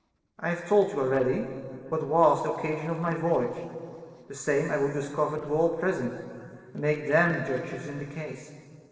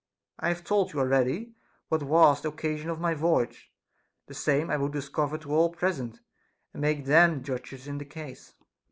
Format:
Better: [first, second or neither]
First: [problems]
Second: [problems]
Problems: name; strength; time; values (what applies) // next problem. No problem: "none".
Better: second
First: noise reduction (neural separator model SepFormer DNS4)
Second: none